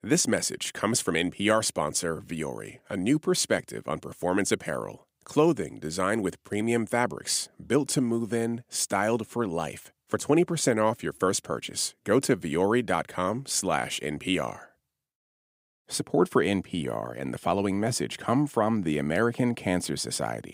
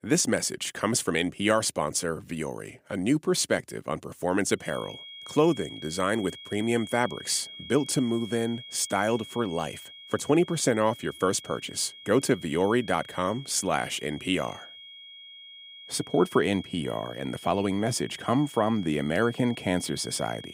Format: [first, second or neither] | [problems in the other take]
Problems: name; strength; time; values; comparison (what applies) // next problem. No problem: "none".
first | high-pitched whine; noticeable; from 4.5 s on; 3.5 kHz, 15 dB below the speech